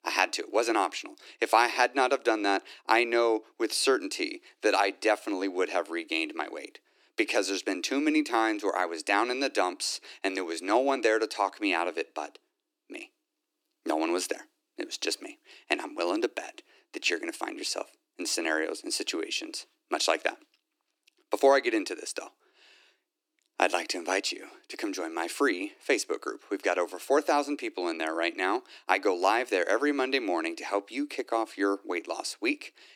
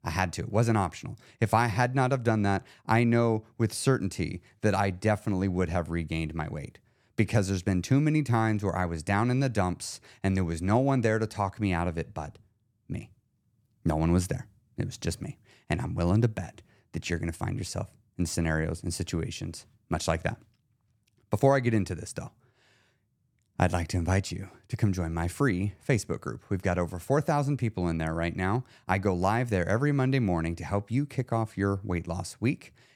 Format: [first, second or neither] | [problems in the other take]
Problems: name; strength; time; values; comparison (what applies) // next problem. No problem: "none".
second | thin; somewhat; fading below 300 Hz